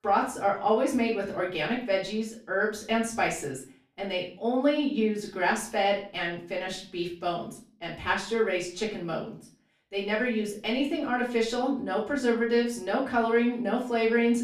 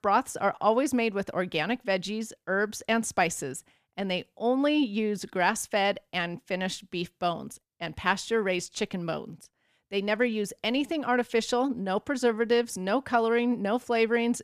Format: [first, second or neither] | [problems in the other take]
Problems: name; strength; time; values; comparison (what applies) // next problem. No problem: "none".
second | off-mic speech; far // room echo; slight; dies away in 0.4 s